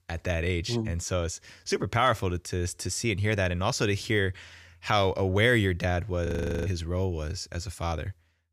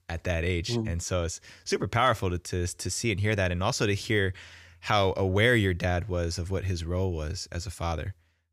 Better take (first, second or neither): second